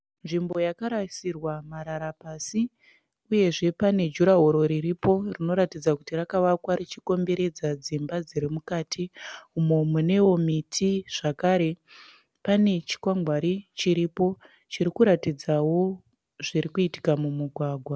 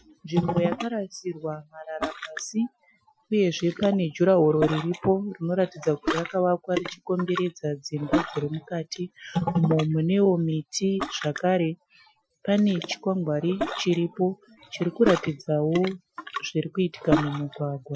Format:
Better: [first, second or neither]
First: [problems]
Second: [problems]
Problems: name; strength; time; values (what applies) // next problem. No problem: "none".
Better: first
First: none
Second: noise reduction (classical method Wiener filter)